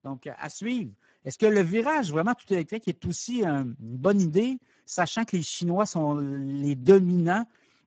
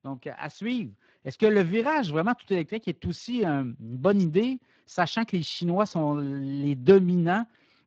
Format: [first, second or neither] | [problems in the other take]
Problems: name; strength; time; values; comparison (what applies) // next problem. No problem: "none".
second | garbled, watery; badly; nothing above 7.5 kHz; slightly in the second